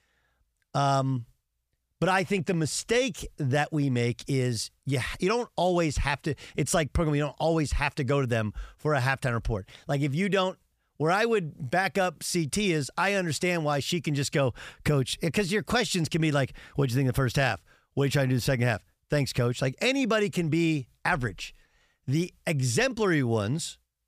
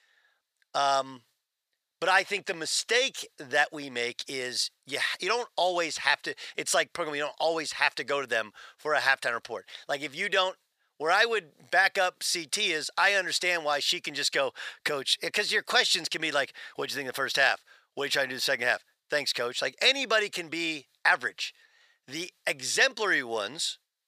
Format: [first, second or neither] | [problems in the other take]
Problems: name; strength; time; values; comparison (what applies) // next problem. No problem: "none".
first | thin; very; fading below 600 Hz